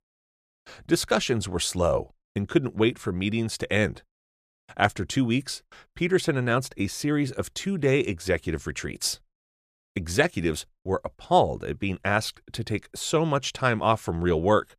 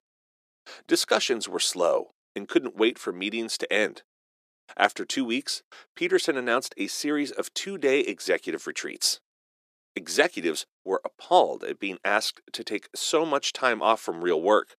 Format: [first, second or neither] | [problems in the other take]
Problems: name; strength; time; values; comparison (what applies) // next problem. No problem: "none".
first | thin; somewhat; fading below 300 Hz